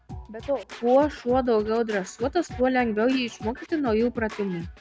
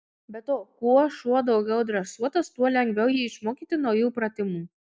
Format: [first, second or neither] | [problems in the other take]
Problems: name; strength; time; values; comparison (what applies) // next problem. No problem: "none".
second | background sound (Scratching (performance technique)); 16 dB below the speech